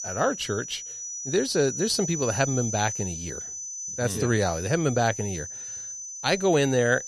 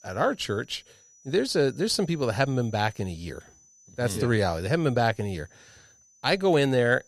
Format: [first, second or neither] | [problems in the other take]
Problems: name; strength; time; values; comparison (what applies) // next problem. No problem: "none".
second | high-pitched whine; loud; throughout; 6 kHz, 7 dB below the speech; faint in the second